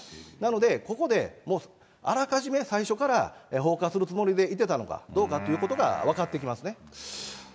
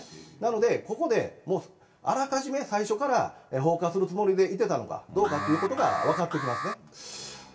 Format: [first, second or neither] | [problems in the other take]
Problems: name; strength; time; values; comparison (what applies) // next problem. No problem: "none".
first | background sound (Alarm); 6 dB below the speech // room echo; dies away in 0.2 s